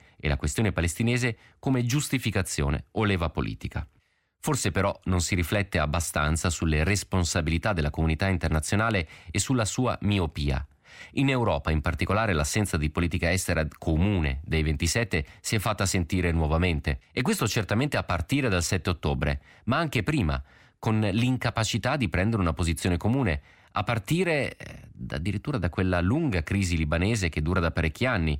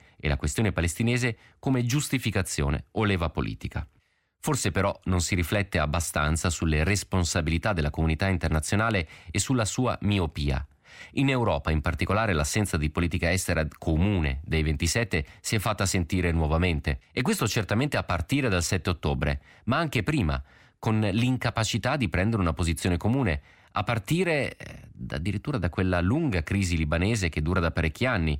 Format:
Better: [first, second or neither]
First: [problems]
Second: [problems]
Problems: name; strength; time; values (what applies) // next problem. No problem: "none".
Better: neither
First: none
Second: none